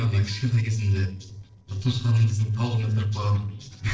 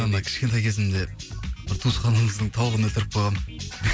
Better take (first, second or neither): second